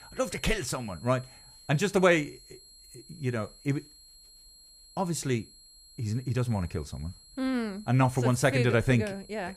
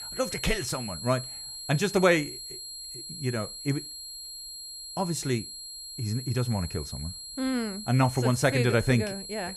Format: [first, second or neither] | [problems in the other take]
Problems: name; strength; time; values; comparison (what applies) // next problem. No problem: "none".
first | high-pitched whine; loud; throughout; 4 kHz, 10 dB below the speech; faint in the first